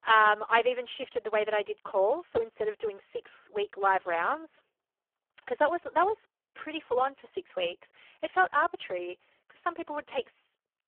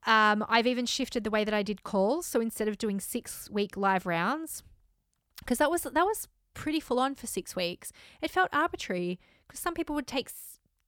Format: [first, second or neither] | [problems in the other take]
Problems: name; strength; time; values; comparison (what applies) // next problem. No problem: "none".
second | phone-call audio; poor line